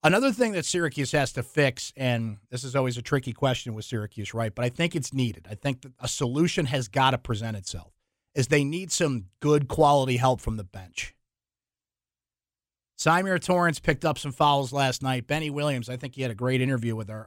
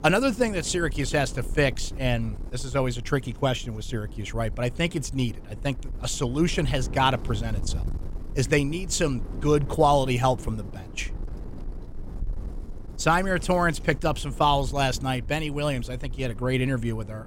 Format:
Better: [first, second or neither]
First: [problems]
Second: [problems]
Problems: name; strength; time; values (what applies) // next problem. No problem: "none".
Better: first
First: none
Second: wind noise on the microphone; occasional gusts; 20 dB below the speech